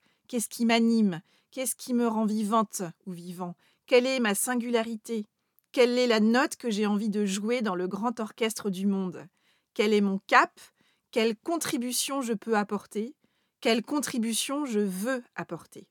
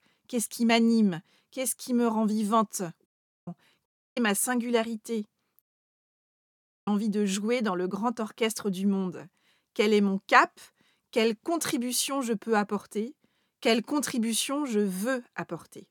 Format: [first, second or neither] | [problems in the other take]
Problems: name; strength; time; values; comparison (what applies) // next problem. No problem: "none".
first | audio cutting out; at 3 s, at 4 s and at 5.5 s for 1.5 s